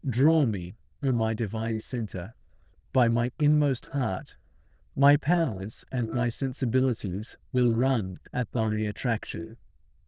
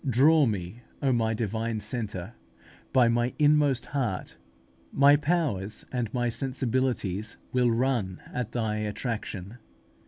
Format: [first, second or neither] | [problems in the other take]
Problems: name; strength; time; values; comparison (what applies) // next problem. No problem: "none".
second | noise reduction (neural diffusion model UNIVERSE++)